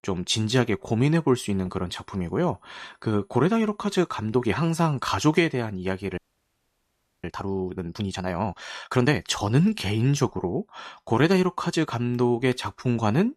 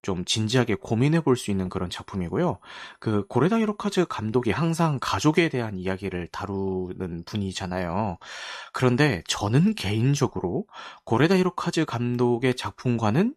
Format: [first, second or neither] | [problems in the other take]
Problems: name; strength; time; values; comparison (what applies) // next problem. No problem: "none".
second | audio freezing; at 6 s for 1 s